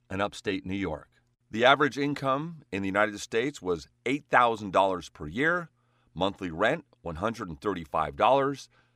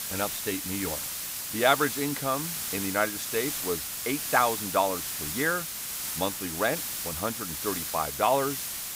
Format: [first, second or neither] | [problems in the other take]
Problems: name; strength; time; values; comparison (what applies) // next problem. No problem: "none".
first | hiss; loud; throughout; 2 dB below the speech